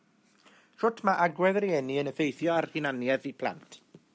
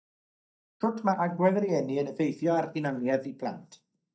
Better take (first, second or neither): first